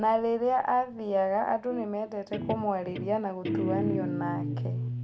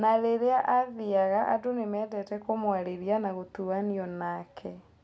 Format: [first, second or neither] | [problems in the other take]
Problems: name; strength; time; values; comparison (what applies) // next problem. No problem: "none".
second | background sound (Guitar); 5 dB below the speech